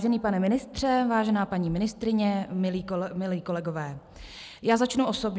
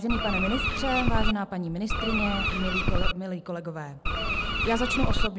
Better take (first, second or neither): first